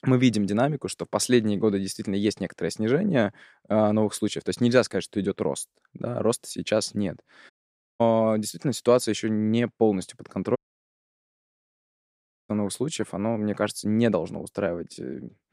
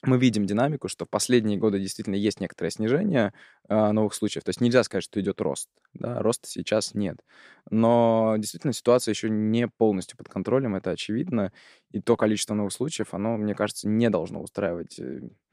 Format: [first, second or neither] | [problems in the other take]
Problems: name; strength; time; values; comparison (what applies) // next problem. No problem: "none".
second | audio cutting out; at 7.5 s for 0.5 s and at 11 s for 2 s